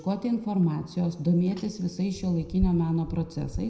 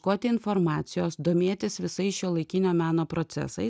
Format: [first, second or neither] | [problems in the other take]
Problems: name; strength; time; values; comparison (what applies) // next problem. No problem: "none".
second | background sound (Bicycle); 12 dB below the speech // room echo; dies away in 0.7 s